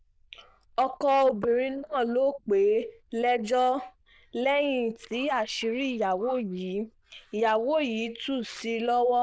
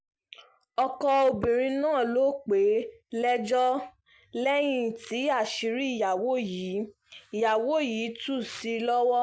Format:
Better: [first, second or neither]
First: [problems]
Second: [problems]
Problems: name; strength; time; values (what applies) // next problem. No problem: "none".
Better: second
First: noise reduction (neural diffusion model UNIVERSE++)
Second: none